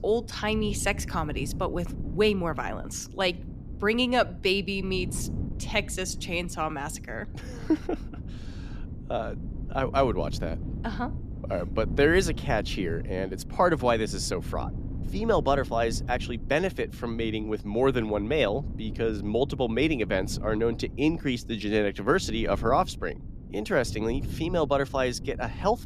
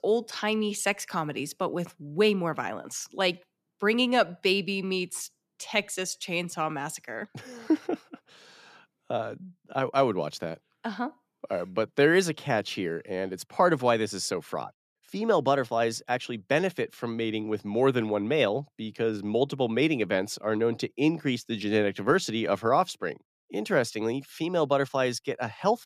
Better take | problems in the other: second | wind noise on the microphone; occasional gusts; 20 dB below the speech

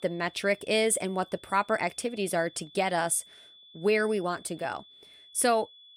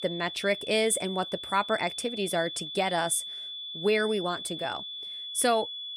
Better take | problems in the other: first | high-pitched whine; loud; throughout; 3.5 kHz, 8 dB below the speech; faint in the first

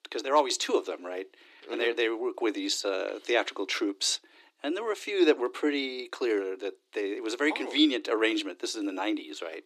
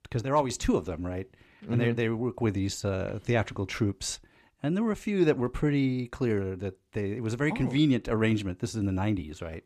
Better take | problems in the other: second | thin; somewhat; fading below 300 Hz

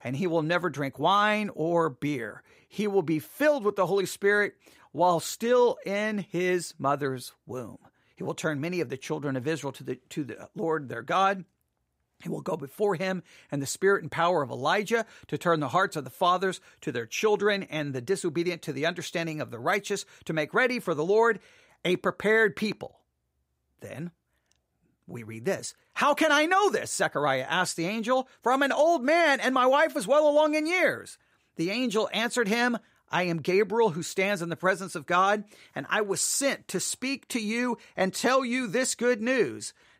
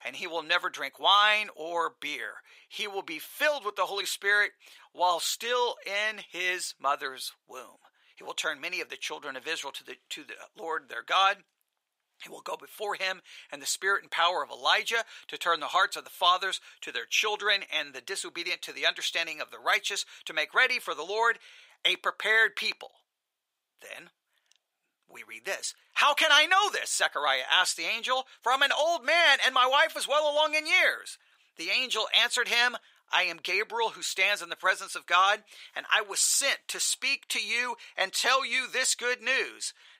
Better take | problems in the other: first | thin; very; fading below 850 Hz

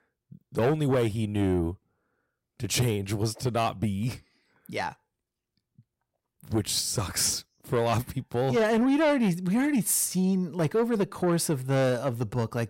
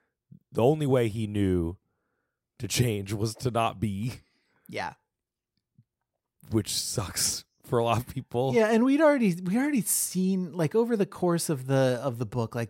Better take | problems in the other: second | distortion; slight; 10 dB below the speech

